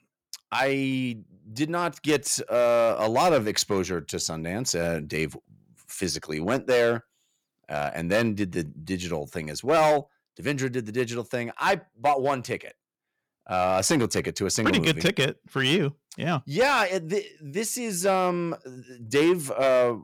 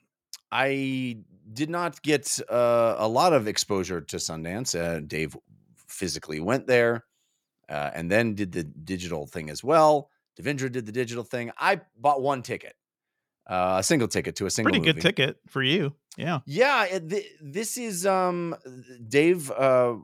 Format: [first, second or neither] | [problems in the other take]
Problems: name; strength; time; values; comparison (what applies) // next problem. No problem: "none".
second | distortion; slight; 4% of the sound clipped